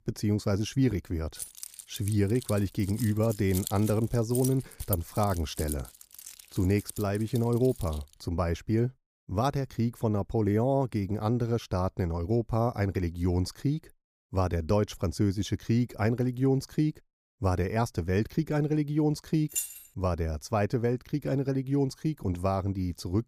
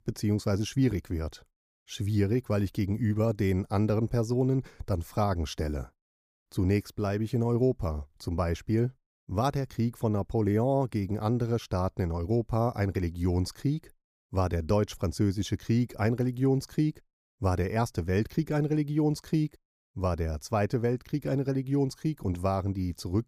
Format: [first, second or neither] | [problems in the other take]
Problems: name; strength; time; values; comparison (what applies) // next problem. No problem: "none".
second | jangling keys; noticeable; from 1.5 to 8 s and at 20 s; peak 3 dB below the speech